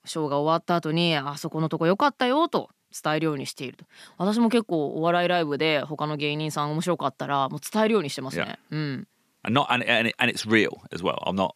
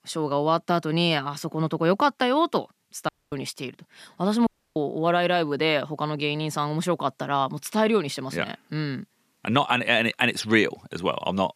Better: first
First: none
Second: audio cutting out; at 3 s and at 4.5 s

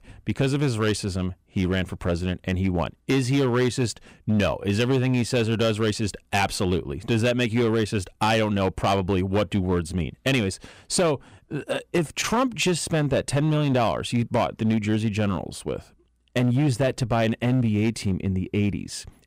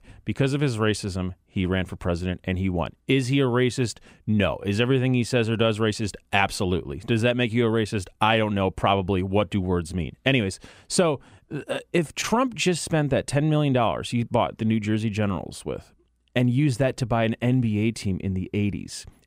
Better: second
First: distortion; slight; 7% of the sound clipped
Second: none

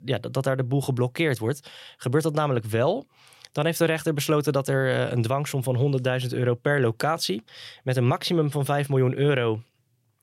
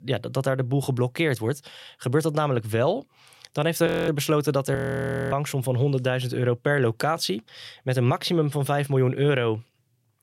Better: first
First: none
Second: audio freezing; at 4 s and at 5 s for 0.5 s

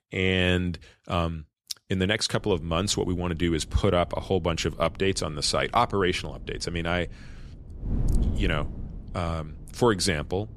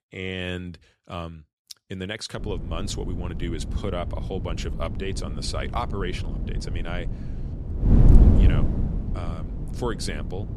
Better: first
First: wind noise on the microphone; occasional gusts; from 2.5 s on; 20 dB below the speech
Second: wind noise on the microphone; heavy; from 2.5 s on; 4 dB below the speech

